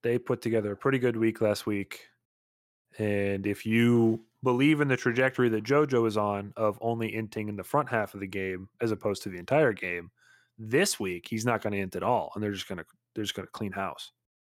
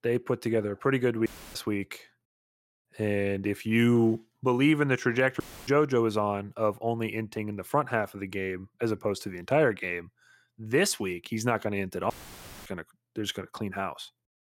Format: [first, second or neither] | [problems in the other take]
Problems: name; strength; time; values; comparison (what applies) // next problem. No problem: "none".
first | audio cutting out; filled with static; at 1.5 s, at 5.5 s and at 12 s for 0.5 s